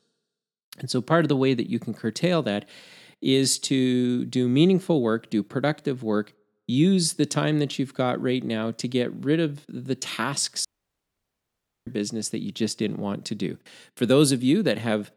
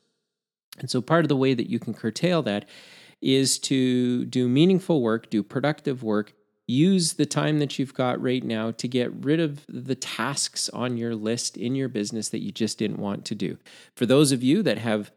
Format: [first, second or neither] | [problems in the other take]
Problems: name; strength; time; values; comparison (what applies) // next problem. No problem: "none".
second | audio cutting out; at 11 s for 1 s